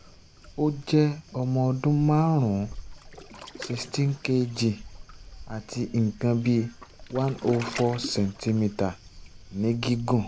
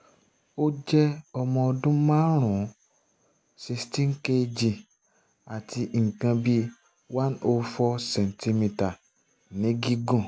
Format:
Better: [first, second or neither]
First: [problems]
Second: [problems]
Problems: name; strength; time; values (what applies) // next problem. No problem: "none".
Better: second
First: background sound (Waves, surf); 17 dB below the speech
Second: none